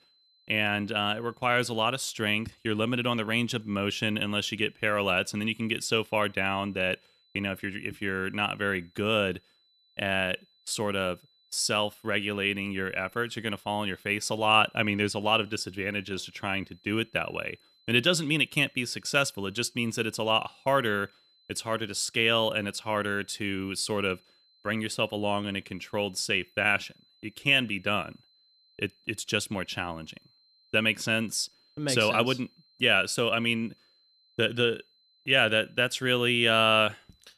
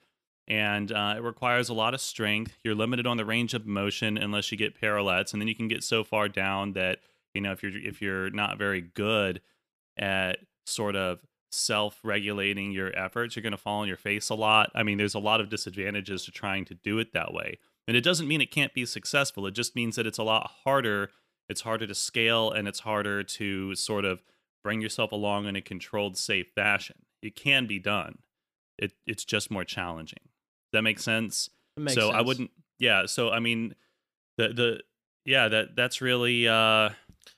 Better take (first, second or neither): second